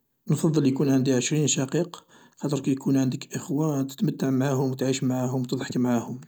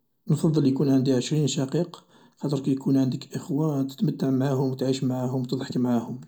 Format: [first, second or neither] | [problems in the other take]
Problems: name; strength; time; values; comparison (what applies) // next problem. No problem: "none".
first | room echo; dies away in 0.2 s